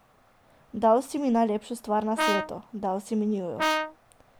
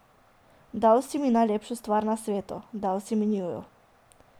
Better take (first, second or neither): second